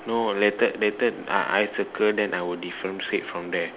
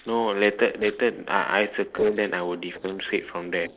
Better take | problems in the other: first | noise reduction (neural separator model SepFormer DNS4)

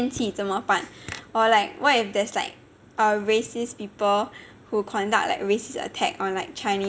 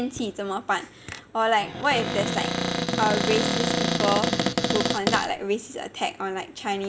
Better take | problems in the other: first | background sound (Cupboard open or close); 2 dB above the speech

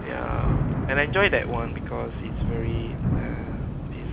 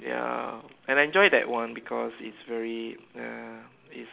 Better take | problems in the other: second | background sound (Thunder / Rain); 2 dB above the speech

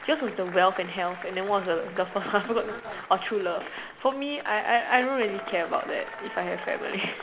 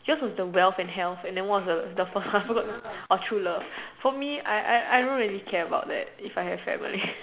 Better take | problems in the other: second | background sound (Applause / Crowd / Cheering); 14 dB below the speech

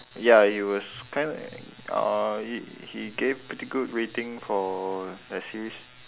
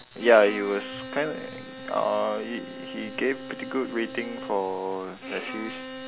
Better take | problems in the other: first | background sound (Bowed string instrument); 12 dB below the speech

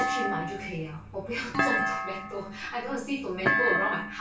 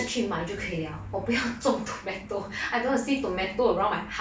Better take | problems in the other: second | background sound (Thump, thud); 3 dB above the speech // room echo; dies away in 0.2 s

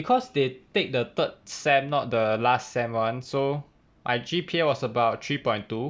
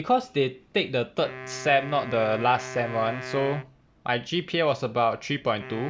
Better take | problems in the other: first | background sound (Wind instrument, woodwind instrument); 14 dB below the speech

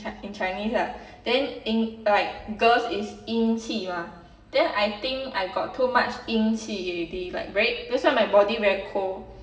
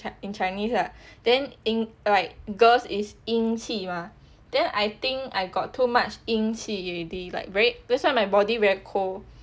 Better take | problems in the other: second | room echo; dies away in 1 s

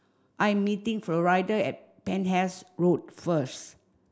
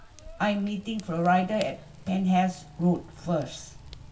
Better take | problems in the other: first | background sound (Fire / Rain); 19 dB below the speech // room echo; dies away in 0.2 s

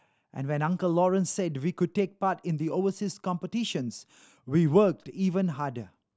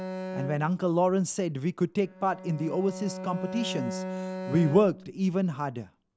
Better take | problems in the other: first | background sound (Bowed string instrument); 10 dB below the speech

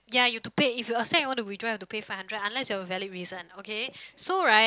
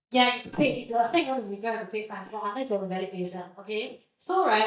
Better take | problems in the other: first | noise reduction (neural mask model DeepFilterNet 3)

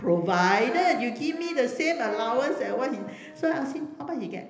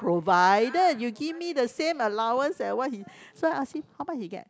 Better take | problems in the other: second | background sound (Brass instrument); 16 dB below the speech // room echo; dies away in 0.8 s

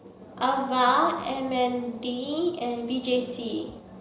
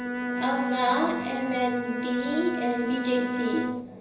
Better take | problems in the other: first | background sound (Bowed string instrument); 2 dB below the speech // room echo; dies away in 0.3 s

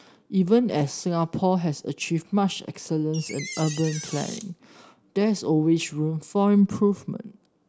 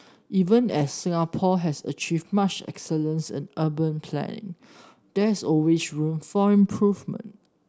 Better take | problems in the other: second | background sound (Door); 13 dB below the speech

